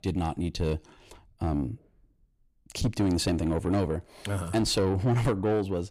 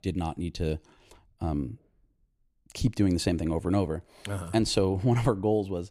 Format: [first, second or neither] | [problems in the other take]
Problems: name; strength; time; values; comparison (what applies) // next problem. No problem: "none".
second | distortion; slight; 10 dB below the speech